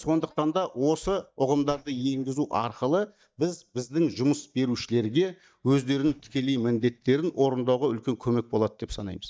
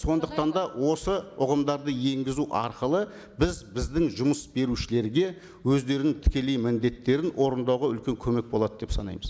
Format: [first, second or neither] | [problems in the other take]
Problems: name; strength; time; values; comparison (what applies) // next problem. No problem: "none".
second | noise reduction (neural mask model DeepFilterNet 3)